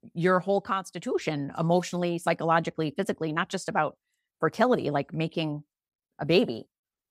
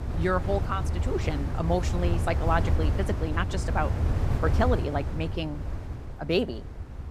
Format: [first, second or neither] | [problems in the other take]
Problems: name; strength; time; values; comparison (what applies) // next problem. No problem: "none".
first | wind noise on the microphone; heavy; 9 dB below the speech